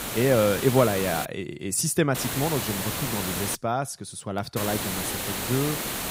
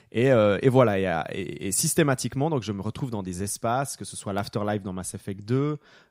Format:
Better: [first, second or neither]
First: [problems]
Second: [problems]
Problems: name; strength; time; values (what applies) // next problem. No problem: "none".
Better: second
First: hiss; loud; until 1.5 s, from 2 to 3.5 s and from 4.5 s on; 3 dB below the speech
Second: none